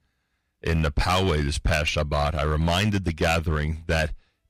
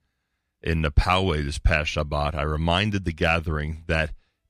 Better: second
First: distortion; heavy; 8% of the sound clipped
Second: none

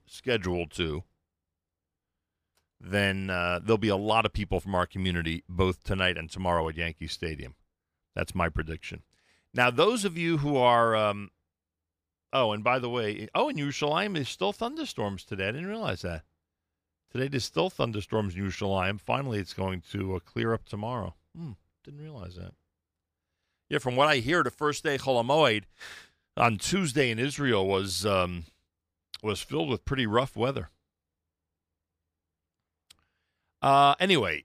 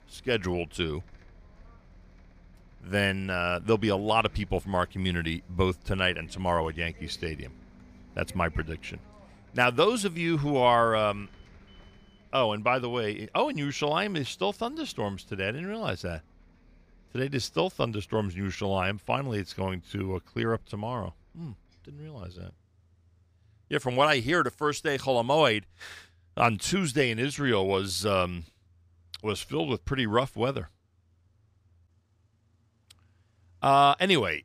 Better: first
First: none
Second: traffic noise; faint; throughout; 30 dB below the speech

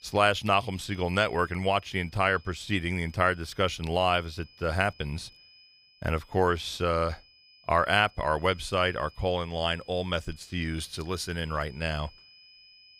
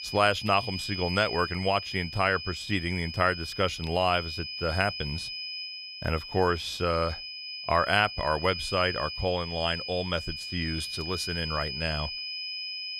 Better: first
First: high-pitched whine; faint; throughout; 5 kHz, 25 dB below the speech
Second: high-pitched whine; loud; throughout; 5 kHz, 6 dB below the speech

